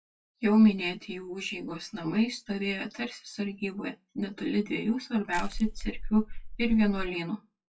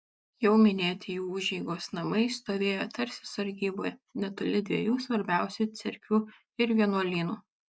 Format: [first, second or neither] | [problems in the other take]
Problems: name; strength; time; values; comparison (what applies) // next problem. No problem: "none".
second | noise reduction (classical method WPE with log-MMSE)